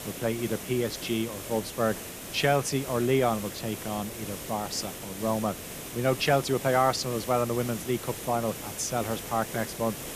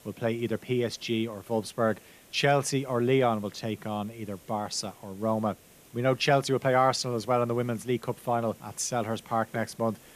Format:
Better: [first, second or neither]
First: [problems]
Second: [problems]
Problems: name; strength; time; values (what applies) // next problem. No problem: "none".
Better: second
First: hiss; loud; throughout; 9 dB below the speech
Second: hiss; faint; throughout; 25 dB below the speech